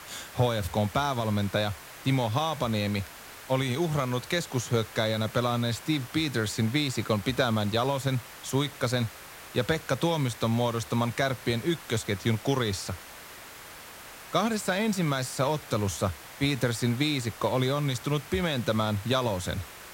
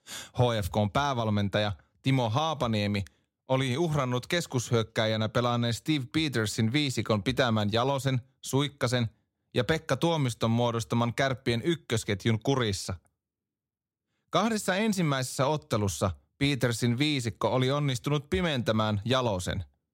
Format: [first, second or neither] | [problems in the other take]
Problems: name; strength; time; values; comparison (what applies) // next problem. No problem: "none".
second | hiss; noticeable; throughout; 15 dB below the speech